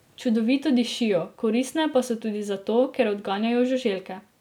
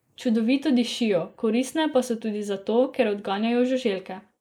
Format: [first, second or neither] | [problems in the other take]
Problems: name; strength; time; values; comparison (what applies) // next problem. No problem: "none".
first | noise reduction (neural mask model Resemble Enhance denoiser)